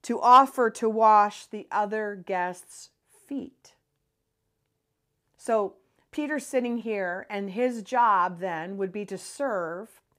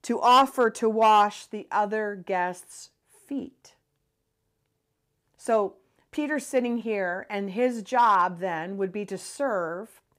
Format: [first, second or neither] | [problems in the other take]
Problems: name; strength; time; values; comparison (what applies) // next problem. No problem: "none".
first | distortion; slight; 1.2% of the sound clipped